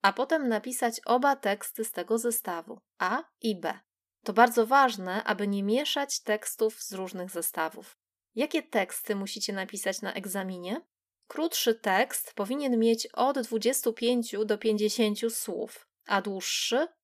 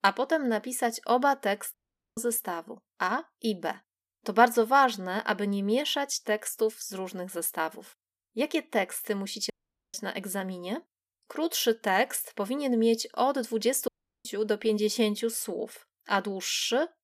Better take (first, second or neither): first